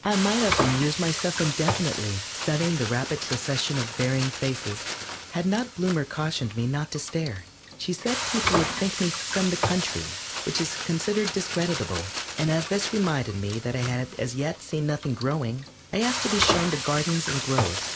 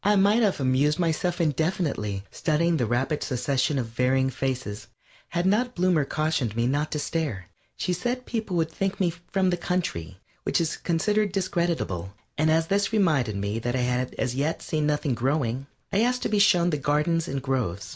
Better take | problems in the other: second | background sound (Frying (food)); 4 dB below the speech

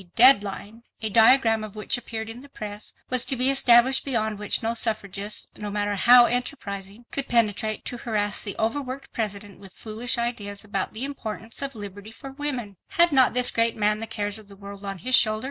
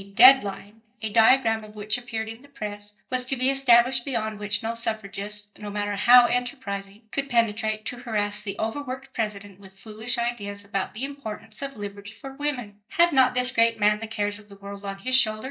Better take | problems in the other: first | noise reduction (neural mask model DeepFilterNet 3)

